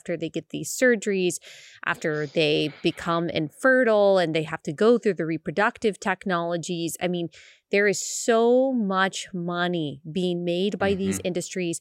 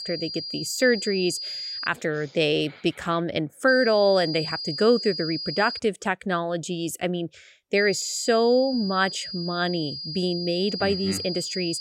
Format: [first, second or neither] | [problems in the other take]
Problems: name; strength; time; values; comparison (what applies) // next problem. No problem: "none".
first | high-pitched whine; loud; until 2 s, from 3.5 to 6 s and from 8 s on; 5 kHz, 6 dB below the speech